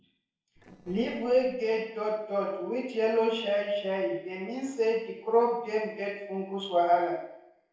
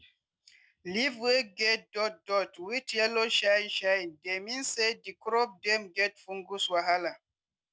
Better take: second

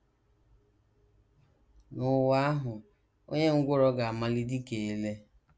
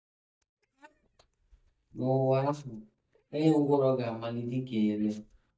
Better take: first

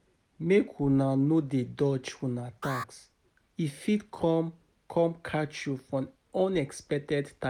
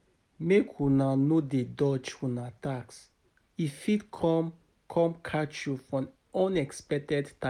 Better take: second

